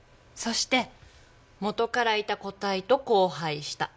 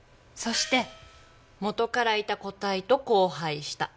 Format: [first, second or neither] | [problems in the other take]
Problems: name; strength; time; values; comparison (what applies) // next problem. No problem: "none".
first | background sound (Gong); 14 dB below the speech